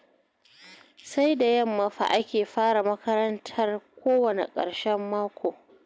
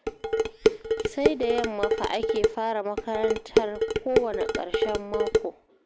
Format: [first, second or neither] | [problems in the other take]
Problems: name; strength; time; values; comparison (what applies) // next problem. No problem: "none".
first | background sound (Dishes, pots, and pans); 5 dB above the speech